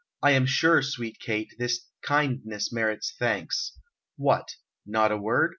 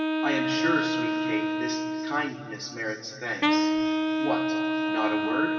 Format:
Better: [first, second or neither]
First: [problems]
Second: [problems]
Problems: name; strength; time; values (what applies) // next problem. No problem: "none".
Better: first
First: none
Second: background sound (Wind instrument, woodwind instrument); 5 dB above the speech // room echo; dies away in 2.9 s